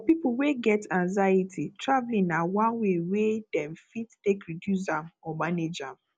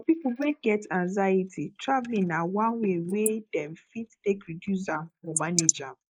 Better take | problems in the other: first | noise reduction (neural mask model Resemble Enhance denoiser)

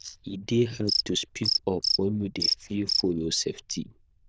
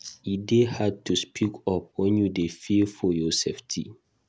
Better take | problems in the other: second | noise reduction (neural diffusion model UNIVERSE++)

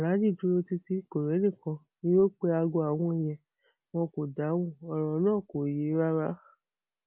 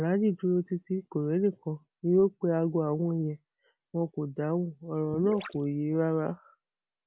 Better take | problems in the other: first | background sound (Gurgling / Liquid); 12 dB below the speech

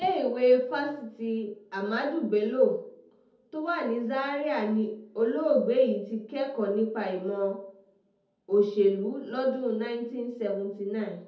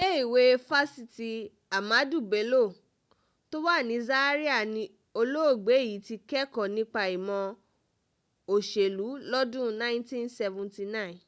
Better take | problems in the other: second | room echo; dies away in 0.6 s

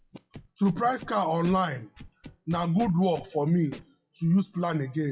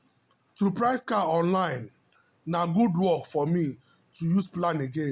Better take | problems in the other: second | noise reduction (classical method WPE with log-MMSE)

